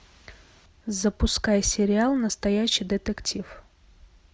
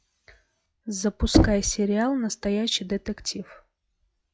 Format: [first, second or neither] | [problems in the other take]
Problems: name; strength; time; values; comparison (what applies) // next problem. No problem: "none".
first | noise reduction (classical method log-MMSE)